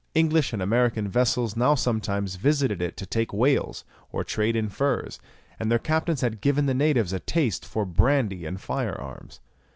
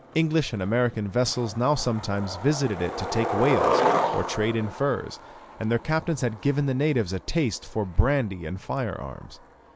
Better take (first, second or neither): first